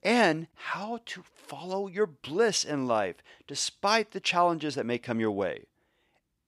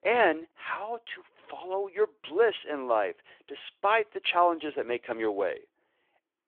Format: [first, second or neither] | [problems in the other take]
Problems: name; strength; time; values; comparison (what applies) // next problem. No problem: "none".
first | phone-call audio; nothing above 3.5 kHz